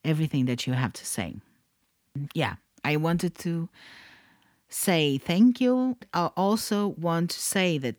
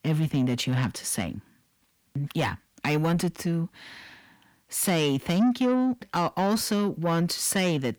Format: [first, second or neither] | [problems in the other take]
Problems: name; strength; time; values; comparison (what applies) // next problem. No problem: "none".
first | distortion; slight; 10 dB below the speech